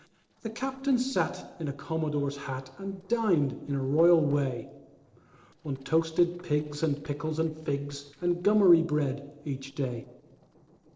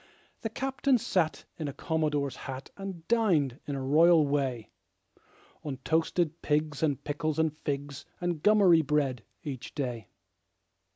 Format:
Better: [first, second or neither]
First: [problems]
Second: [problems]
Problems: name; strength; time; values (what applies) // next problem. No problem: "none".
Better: second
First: noise reduction (neural separator model SepFormer DNS4)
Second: none